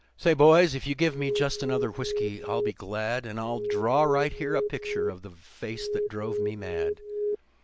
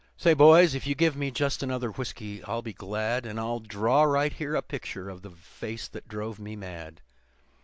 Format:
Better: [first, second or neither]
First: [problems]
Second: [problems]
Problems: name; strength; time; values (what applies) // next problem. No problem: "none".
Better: second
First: background sound (Alarm); 3 dB below the speech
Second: none